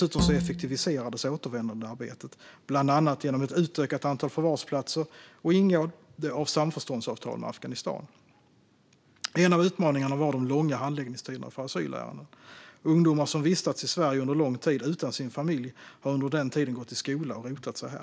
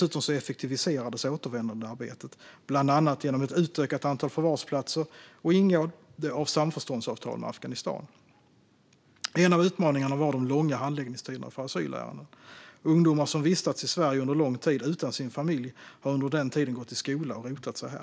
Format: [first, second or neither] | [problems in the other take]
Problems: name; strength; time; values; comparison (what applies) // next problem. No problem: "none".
second | background sound (Bowed string instrument); 2 dB below the speech